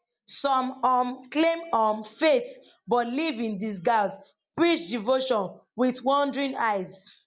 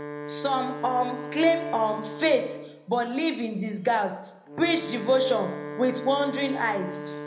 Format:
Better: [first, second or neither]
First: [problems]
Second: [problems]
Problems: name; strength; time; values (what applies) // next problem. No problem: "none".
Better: first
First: none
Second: background sound (Wind instrument, woodwind instrument); 11 dB below the speech // room echo; dies away in 0.7 s